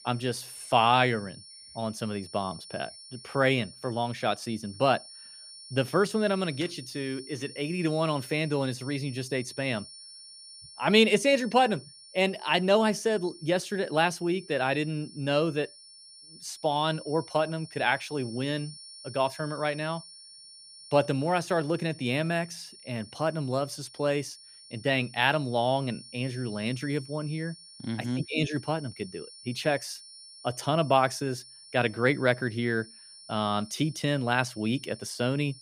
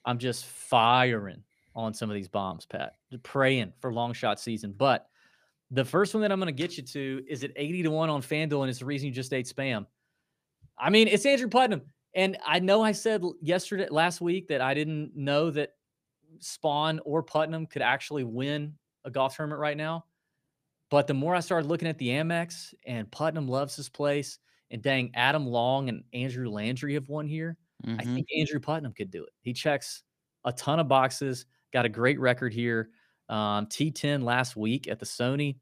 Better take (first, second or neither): second